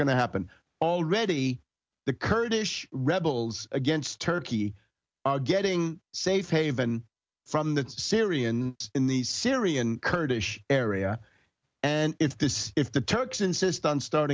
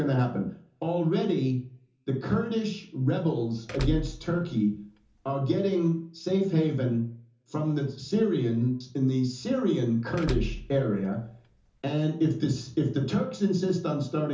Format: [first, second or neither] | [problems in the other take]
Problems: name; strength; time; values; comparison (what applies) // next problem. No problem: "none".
first | background sound (Door / Car); 8 dB below the speech // room echo; dies away in 0.6 s